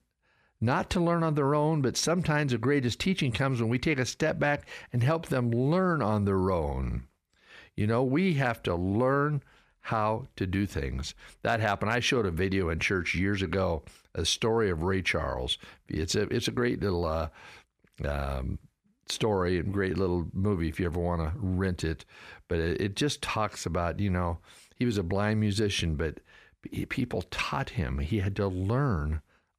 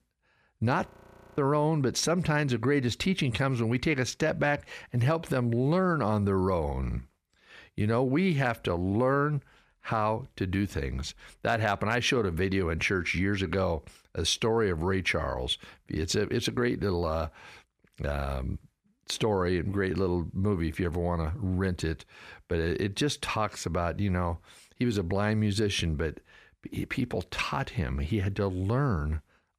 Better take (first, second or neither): first